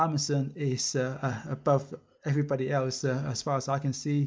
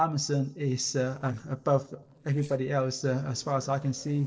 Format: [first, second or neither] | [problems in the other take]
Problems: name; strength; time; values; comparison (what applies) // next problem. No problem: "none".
first | noise reduction (neural separator model SepFormer DNS4)